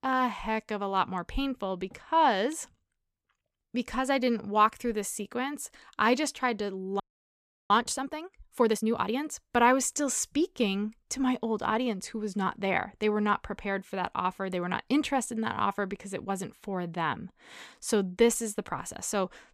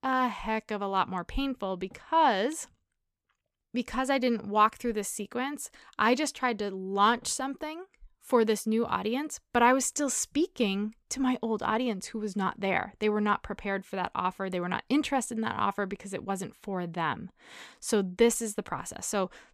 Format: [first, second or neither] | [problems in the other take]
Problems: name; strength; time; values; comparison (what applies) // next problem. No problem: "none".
second | audio freezing; at 7 s for 0.5 s